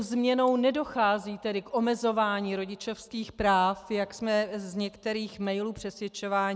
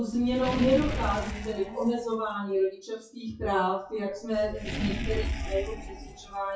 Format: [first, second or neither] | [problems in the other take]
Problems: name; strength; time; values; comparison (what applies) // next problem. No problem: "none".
first | noise reduction (classical method WPE with log-MMSE)